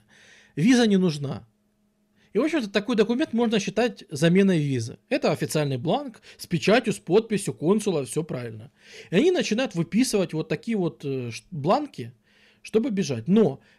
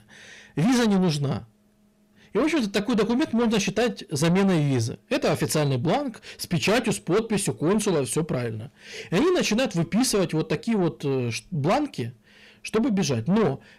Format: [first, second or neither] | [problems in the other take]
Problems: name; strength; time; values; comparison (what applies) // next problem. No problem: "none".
first | distortion; heavy; 8 dB below the speech